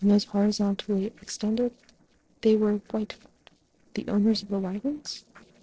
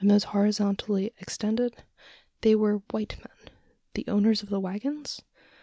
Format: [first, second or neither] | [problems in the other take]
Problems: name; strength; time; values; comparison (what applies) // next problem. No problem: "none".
second | noise reduction (neural separator model SepFormer DNS4)